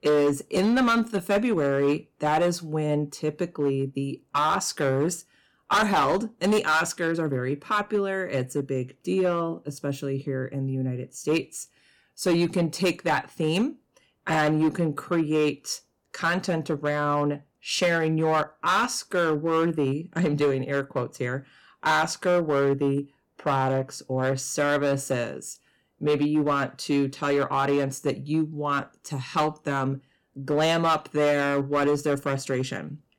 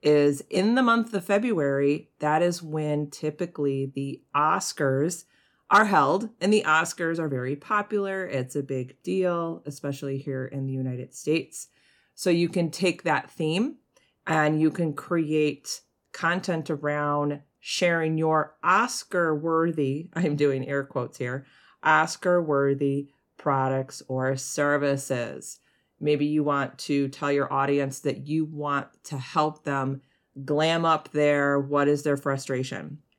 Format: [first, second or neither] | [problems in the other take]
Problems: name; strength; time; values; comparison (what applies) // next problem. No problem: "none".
second | distortion; slight; 6% of the sound clipped